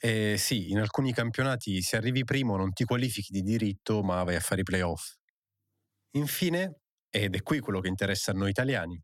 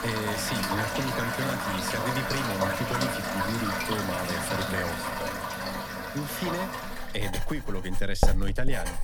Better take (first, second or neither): first